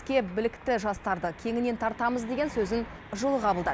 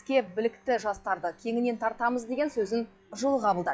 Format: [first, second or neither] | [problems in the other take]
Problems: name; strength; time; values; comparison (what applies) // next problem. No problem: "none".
first | noise reduction (classical method log-MMSE)